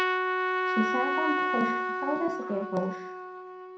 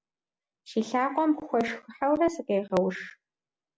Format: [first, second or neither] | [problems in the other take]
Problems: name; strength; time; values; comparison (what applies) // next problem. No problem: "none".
second | background sound (Trumpet); 3 dB above the speech // room echo; dies away in 0.4 s